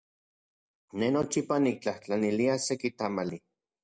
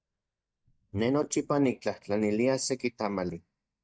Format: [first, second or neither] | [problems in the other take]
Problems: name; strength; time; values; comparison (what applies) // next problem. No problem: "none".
first | noise reduction (neural mask model DeepFilterNet 3)